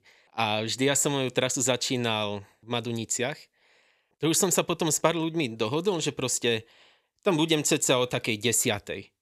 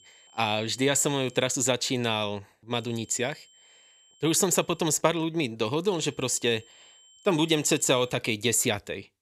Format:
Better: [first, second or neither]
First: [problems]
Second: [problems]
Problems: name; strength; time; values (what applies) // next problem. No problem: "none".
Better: first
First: none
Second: high-pitched whine; faint; until 1.5 s, from 2.5 to 5 s and from 6 to 8 s; 3 kHz, 30 dB below the speech